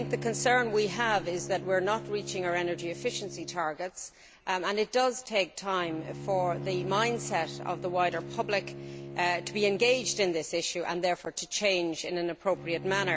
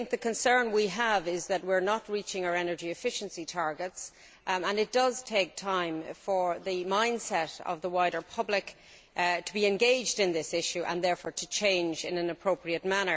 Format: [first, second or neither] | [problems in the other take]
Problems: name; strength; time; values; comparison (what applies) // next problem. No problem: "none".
second | background sound (Bowed string instrument); 12 dB below the speech